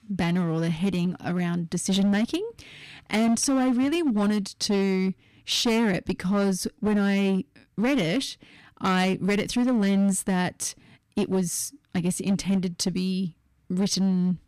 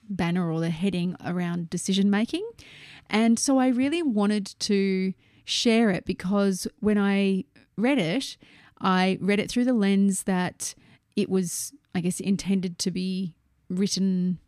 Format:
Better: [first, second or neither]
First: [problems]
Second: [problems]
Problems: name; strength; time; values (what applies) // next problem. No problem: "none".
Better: second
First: distortion; slight; 11% of the sound clipped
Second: none